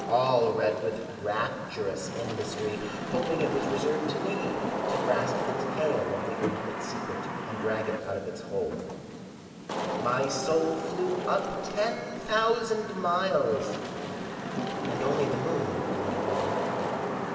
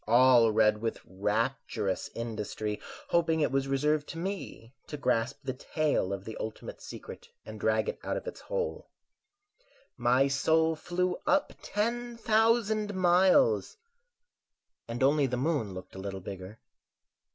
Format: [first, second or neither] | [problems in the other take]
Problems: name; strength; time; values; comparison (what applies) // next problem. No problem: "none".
second | background sound (Wind / Rain); 2 dB below the speech // room echo; dies away in 2.7 s